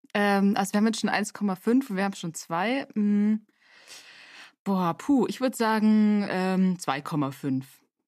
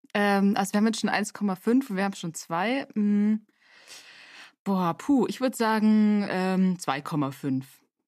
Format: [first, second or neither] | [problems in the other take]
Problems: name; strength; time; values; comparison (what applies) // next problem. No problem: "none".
neither | none